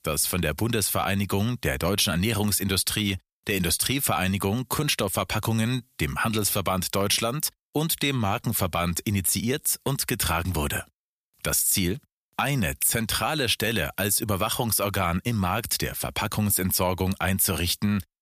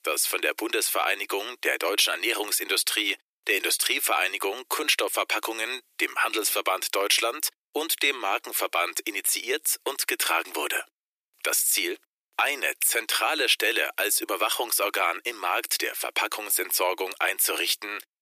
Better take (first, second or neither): first